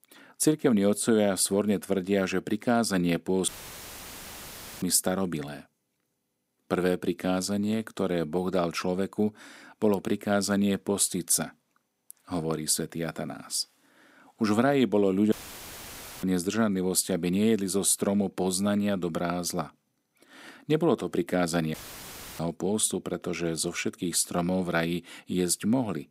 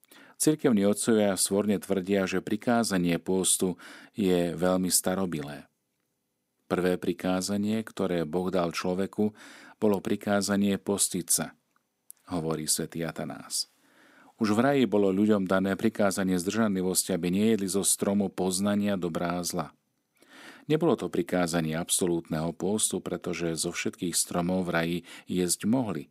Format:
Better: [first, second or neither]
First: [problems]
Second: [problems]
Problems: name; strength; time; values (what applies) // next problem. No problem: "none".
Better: second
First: audio cutting out; filled with static; at 3.5 s for 1.5 s, at 15 s for 1 s and at 22 s for 0.5 s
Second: none